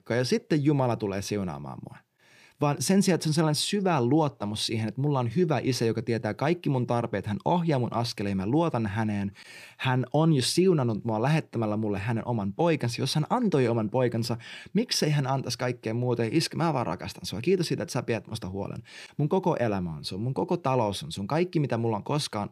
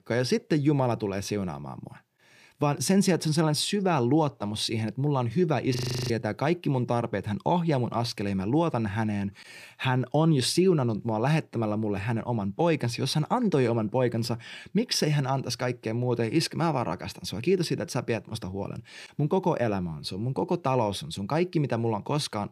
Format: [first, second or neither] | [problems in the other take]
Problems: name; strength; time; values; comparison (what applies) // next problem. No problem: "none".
first | audio freezing; at 6 s